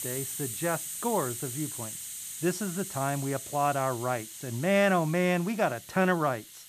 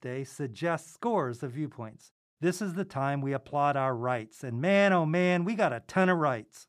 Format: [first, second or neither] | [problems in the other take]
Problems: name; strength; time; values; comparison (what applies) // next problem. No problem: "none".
second | hiss; loud; throughout; 8 dB below the speech